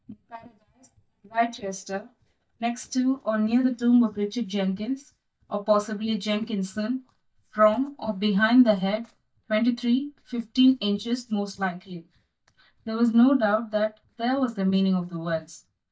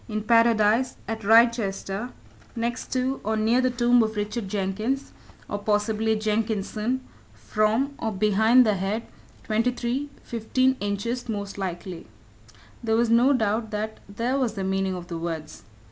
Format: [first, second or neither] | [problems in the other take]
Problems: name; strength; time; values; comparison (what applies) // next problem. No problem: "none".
second | noise reduction (neural mask model DeepFilterNet 3)